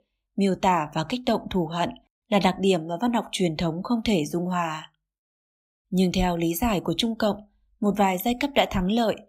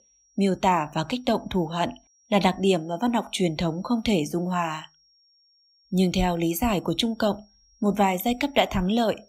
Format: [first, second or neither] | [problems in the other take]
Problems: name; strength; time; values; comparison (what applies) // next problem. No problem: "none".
first | high-pitched whine; faint; throughout; 5.5 kHz, 35 dB below the speech